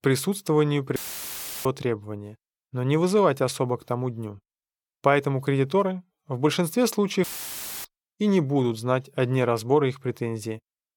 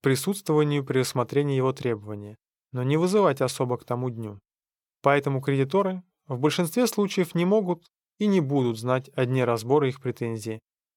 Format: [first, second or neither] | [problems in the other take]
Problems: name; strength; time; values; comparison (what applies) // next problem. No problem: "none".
second | audio cutting out; filled with static; at 1 s for 0.5 s and at 7 s for 0.5 s